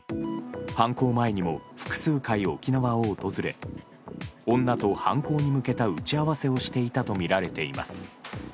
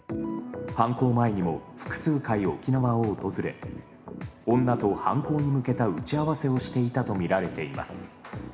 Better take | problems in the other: first | room echo; dies away in 1.3 s

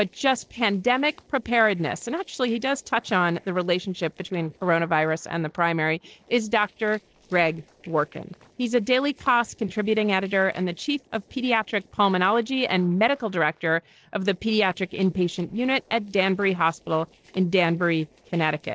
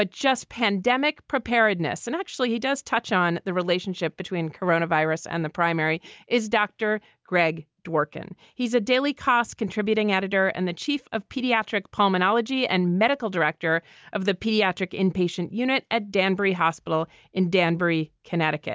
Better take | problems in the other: second | noise reduction (neural separator model SepFormer DNS4)

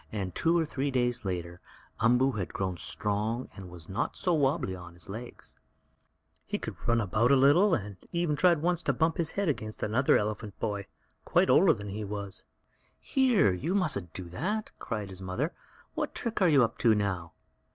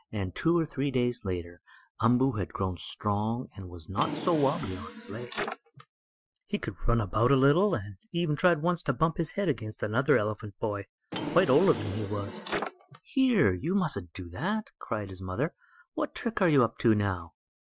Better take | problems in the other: first | noise reduction (classical method Wiener filter)

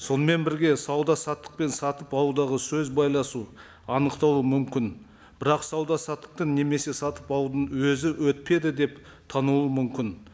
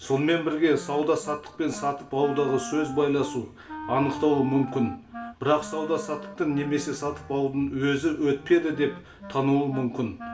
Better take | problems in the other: first | background sound (Wind instrument, woodwind instrument); 14 dB below the speech // room echo; dies away in 0.3 s

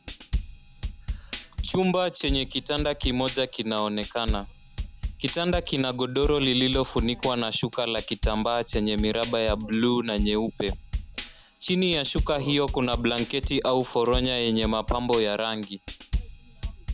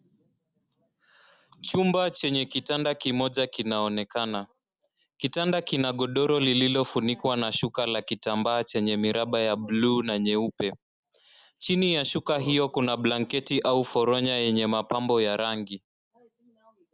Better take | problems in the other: second | background sound (Drum / Drum kit); 7 dB below the speech

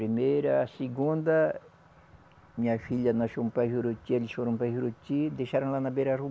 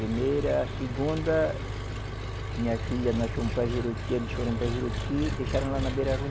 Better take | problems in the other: first | background sound (Engine); 2 dB below the speech

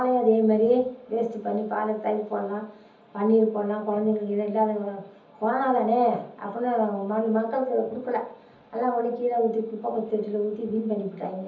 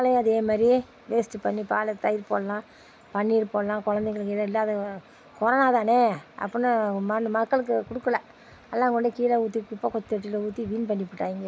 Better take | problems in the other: second | room echo; dies away in 0.7 s

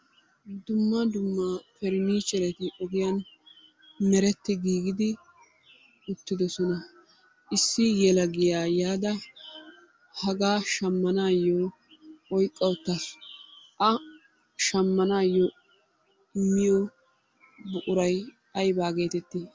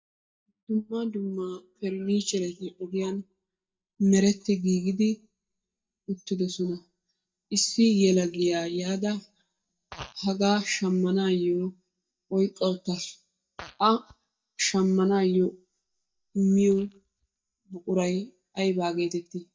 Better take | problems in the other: first | noise reduction (neural mask model DeepFilterNet 3)

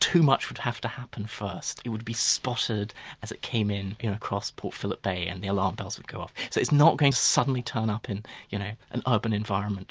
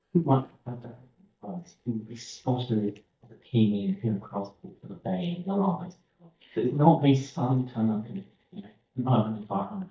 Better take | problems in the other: first | noise reduction (neural mask model DeepFilterNet 3)

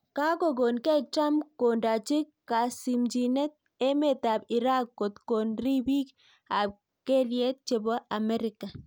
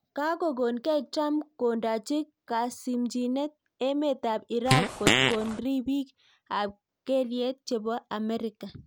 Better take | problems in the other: first | background sound (Fart); 5 dB above the speech

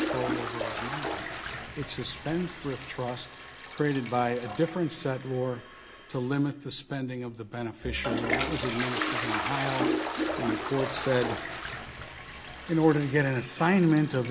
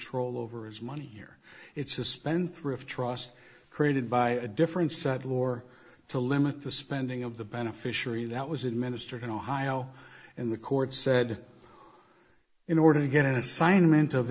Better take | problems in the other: second | background sound (Toilet flush); 5 dB below the speech

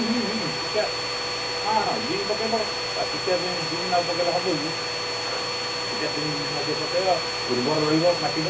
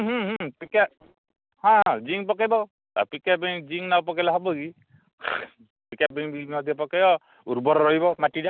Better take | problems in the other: second | background sound (Domestic sounds, home sounds); as loud as the speech // room echo; dies away in 0.4 s

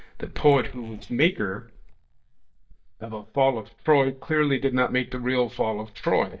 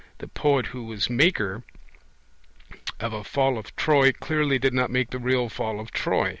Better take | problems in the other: second | noise reduction (neural mask model DeepFilterNet 3)

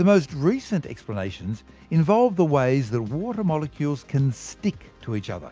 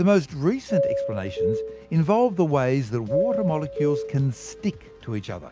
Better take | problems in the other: first | background sound (Doorbell); 4 dB below the speech

